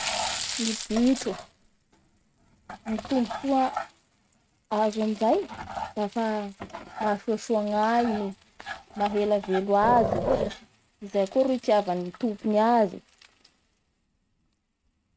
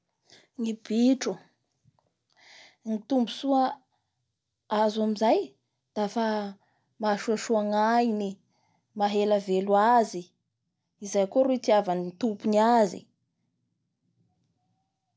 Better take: second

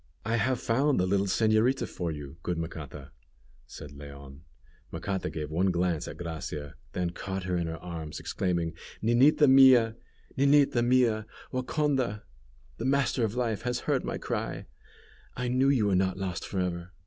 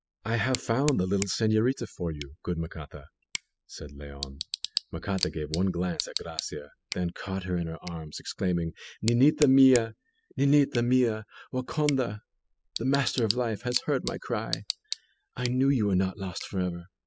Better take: first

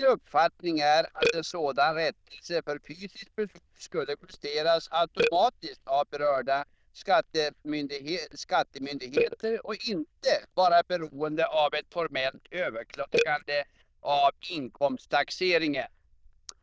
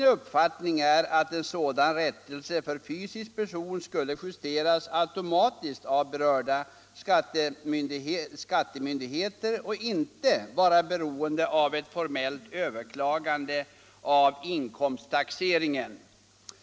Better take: second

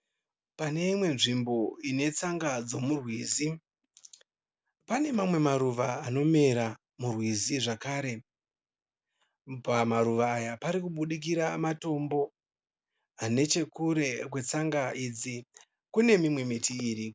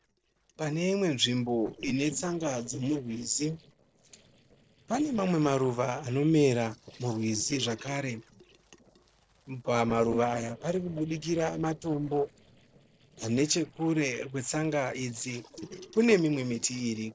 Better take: first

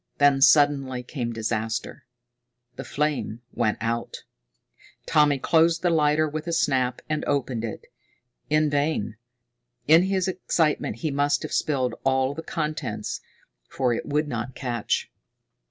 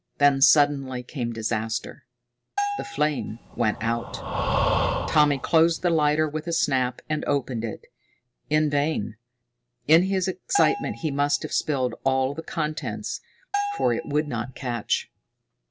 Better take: first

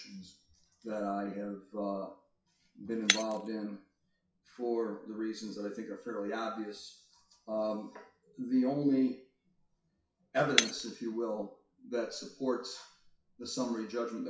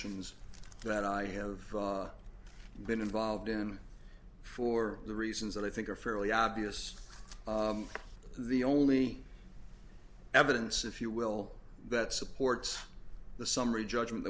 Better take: second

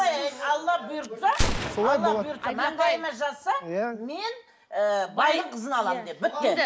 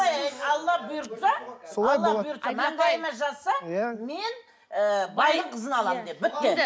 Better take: second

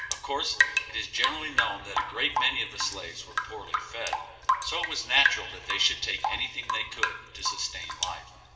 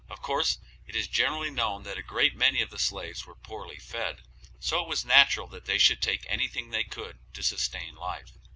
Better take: second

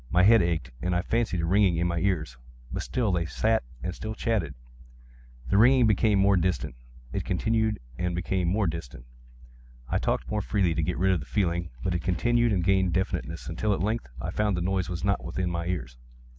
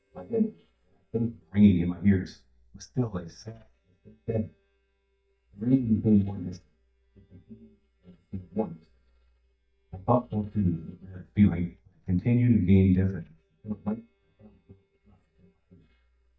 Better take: first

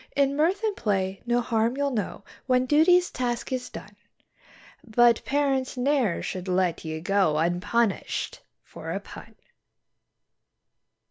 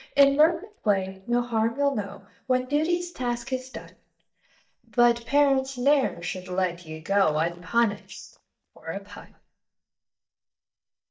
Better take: first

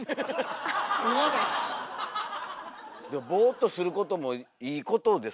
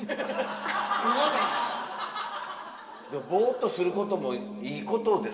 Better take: first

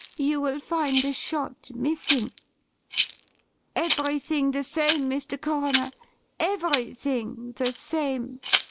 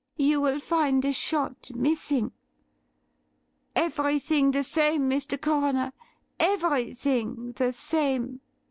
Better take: second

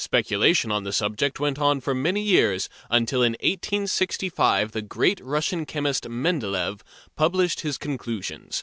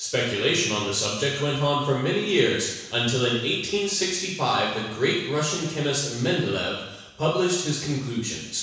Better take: first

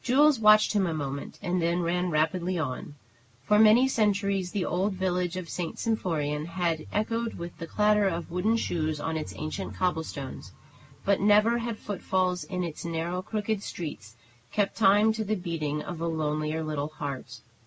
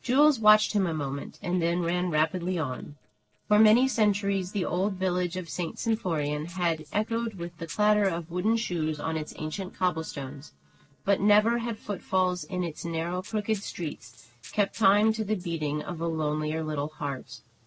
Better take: first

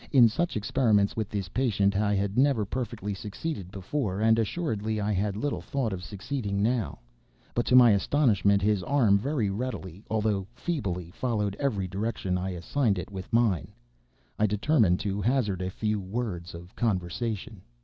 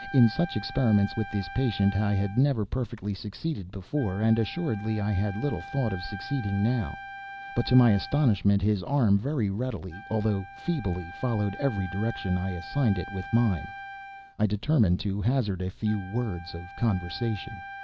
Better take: first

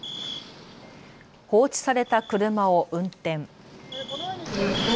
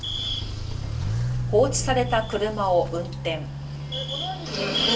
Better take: first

